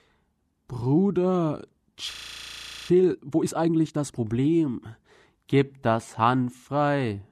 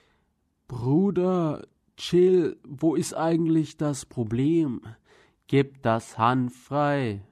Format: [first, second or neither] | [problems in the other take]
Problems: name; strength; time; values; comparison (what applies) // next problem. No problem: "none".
second | audio freezing; at 2 s for 1 s